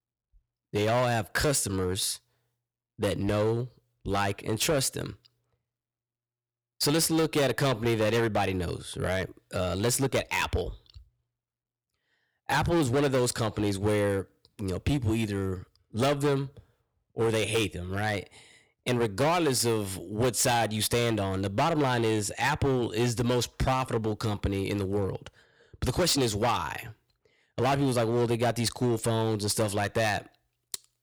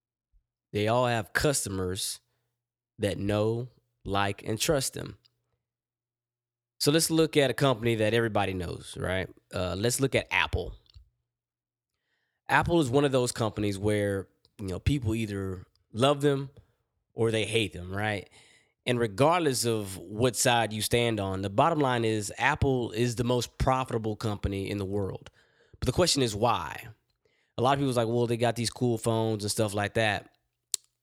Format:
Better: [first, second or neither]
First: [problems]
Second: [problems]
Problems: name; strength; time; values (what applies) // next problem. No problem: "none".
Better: second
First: distortion; heavy; 10% of the sound clipped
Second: none